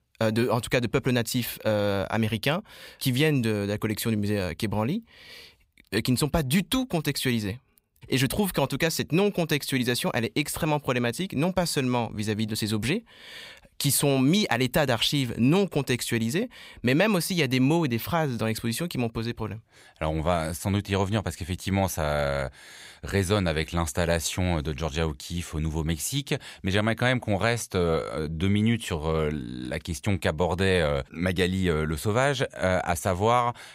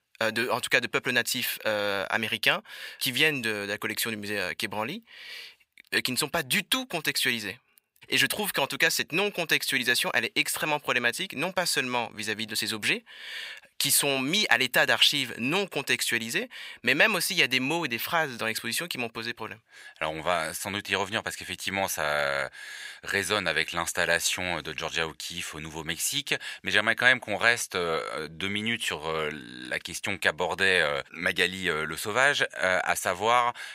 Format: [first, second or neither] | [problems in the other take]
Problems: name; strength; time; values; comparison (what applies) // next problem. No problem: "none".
first | thin; somewhat; fading below 850 Hz